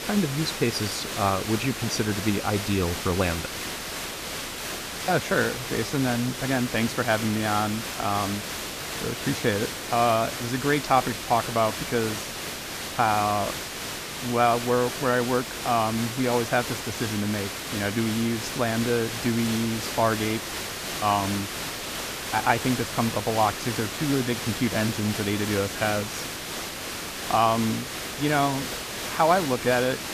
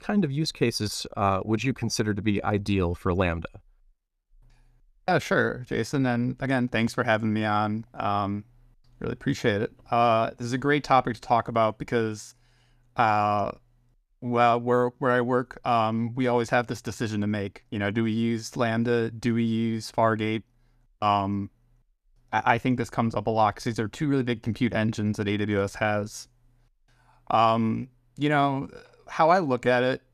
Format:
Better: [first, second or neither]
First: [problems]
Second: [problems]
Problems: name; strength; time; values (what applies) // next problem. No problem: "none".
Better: second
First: hiss; loud; throughout; 5 dB below the speech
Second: none